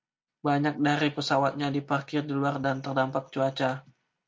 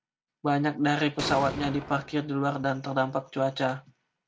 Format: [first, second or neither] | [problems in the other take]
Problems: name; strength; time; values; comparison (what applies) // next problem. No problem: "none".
first | background sound (Explosion); 11 dB below the speech